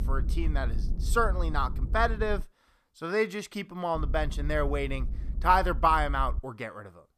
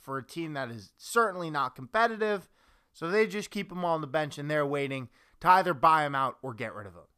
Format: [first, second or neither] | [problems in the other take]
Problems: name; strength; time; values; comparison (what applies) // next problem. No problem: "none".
second | low rumble; faint; until 2.5 s and from 4 to 6.5 s; 25 dB below the speech